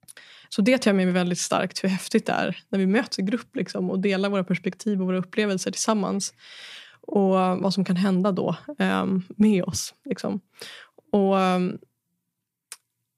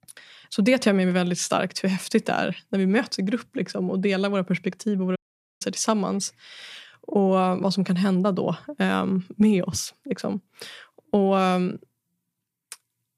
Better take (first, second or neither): first